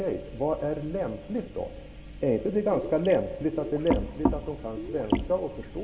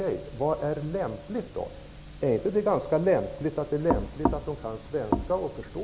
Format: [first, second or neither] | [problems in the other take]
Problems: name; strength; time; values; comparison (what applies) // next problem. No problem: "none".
second | background sound (Gurgling); 12 dB below the speech // room echo; dies away in 1.6 s